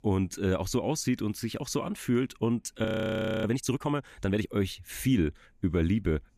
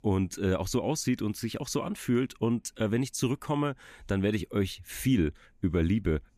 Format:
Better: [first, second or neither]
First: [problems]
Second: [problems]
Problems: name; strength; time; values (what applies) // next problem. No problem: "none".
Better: second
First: audio freezing; at 3 s for 0.5 s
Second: none